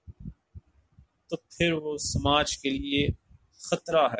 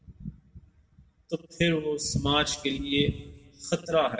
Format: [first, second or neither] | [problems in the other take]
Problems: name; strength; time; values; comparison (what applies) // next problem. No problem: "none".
first | room echo; dies away in 1.1 s